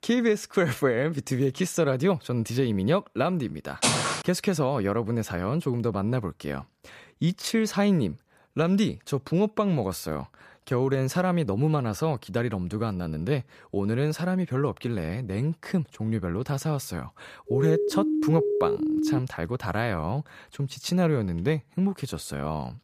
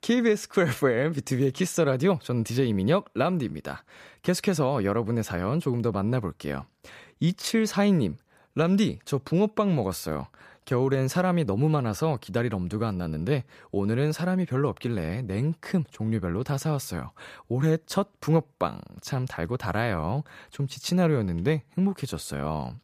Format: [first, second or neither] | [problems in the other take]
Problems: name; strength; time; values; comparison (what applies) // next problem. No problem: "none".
second | footsteps; loud; at 4 s; peak 4 dB above the speech // siren; loud; from 17 to 19 s; peak 2 dB above the speech